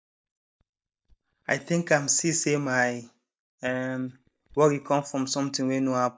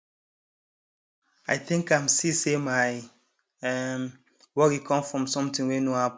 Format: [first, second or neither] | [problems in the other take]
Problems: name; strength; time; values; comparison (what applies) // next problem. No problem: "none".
second | noise reduction (neural mask model DeepFilterNet 3)